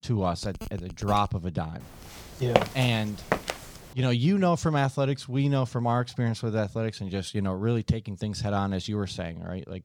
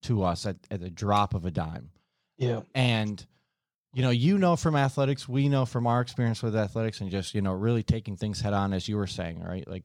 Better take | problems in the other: second | phone ringing; faint; at 0.5 s; peak 15 dB below the speech // footsteps; loud; at 2.5 s; peak 2 dB above the speech

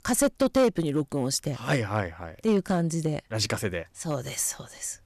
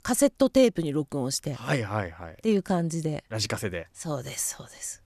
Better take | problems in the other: second | distortion; slight; 3% of the sound clipped

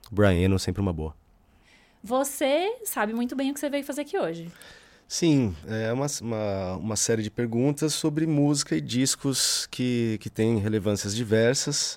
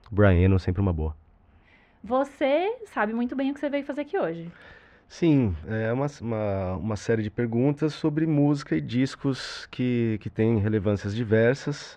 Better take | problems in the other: first | muffled; very; fading above 2 kHz

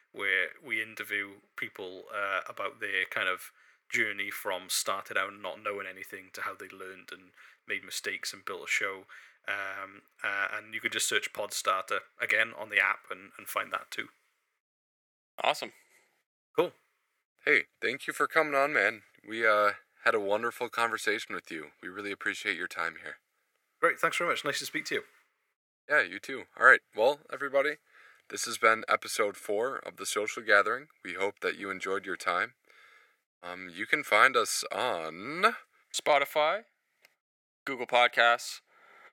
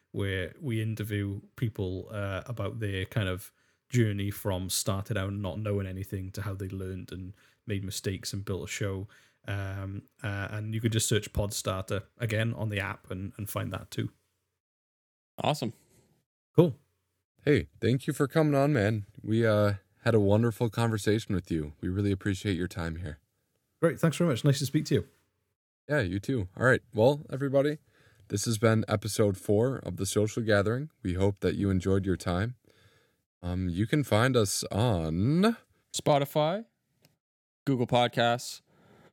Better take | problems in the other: second | thin; very; fading below 600 Hz

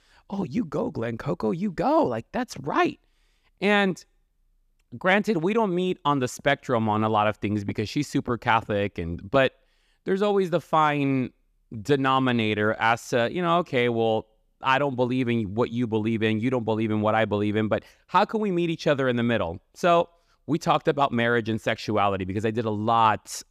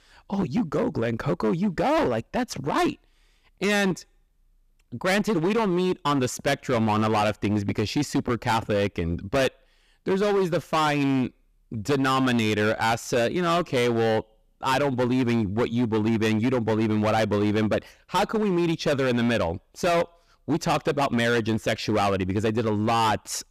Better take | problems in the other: first | distortion; heavy; 17% of the sound clipped

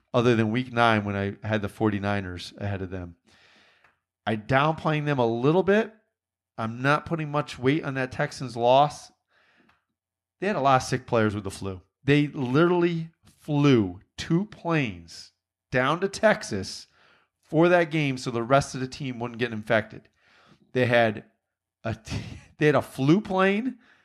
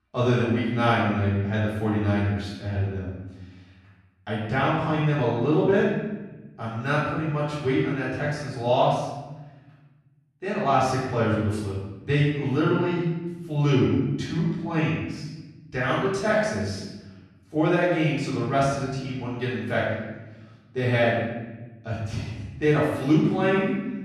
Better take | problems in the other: first | off-mic speech; far // room echo; noticeable; dies away in 1.1 s

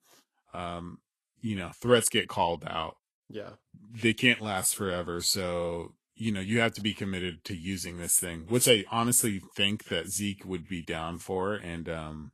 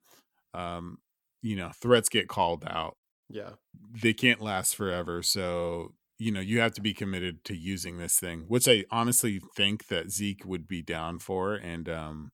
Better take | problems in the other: second | garbled, watery; slightly; nothing above 12.5 kHz

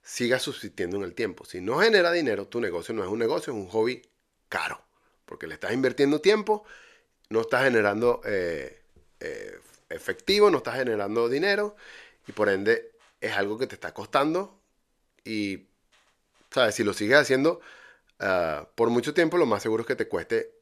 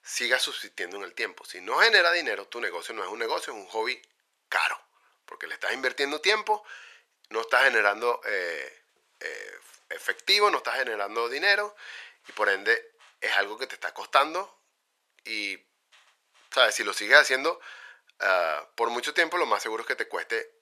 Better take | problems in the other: first | thin; very; fading below 850 Hz

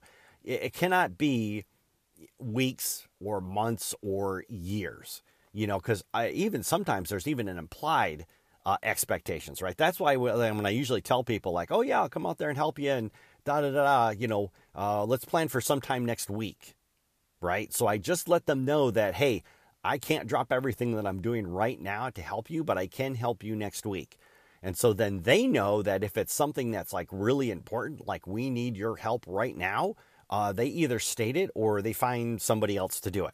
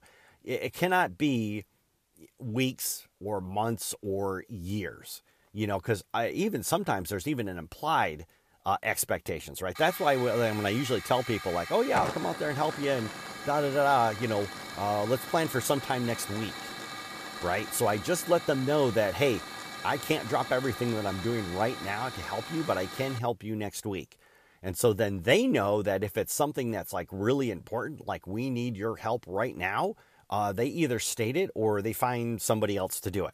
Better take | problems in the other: first | hiss; loud; from 10 to 23 s; 9 dB below the speech

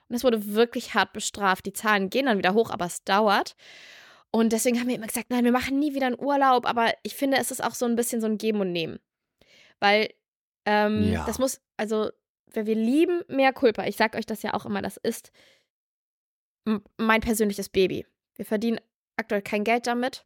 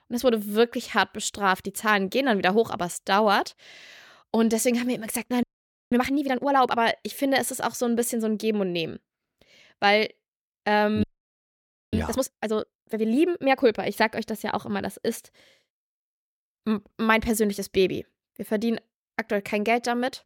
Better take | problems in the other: first | audio freezing; at 5.5 s and at 11 s for 1 s

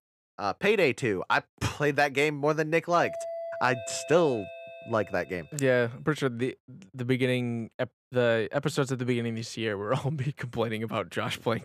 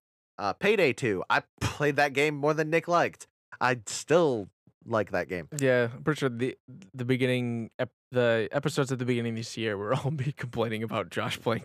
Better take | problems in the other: second | doorbell; noticeable; from 3 to 5.5 s; peak 8 dB below the speech

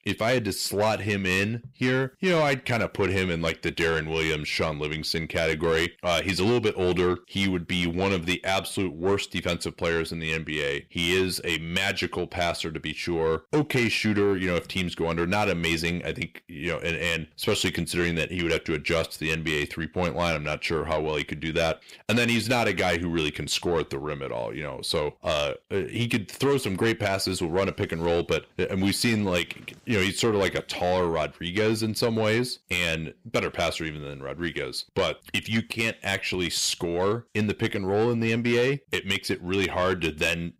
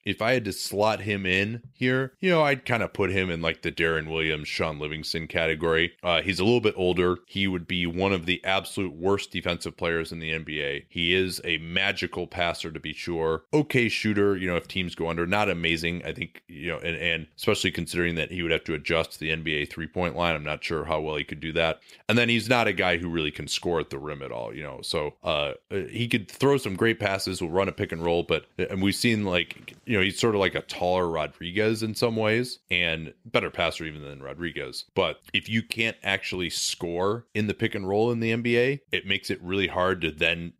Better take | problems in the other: second | distortion; slight; 10 dB below the speech

